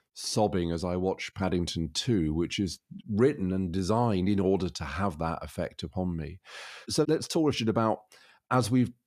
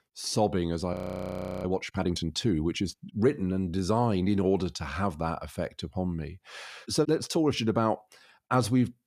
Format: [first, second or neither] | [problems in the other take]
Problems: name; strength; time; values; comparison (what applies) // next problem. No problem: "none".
first | audio freezing; at 1 s for 0.5 s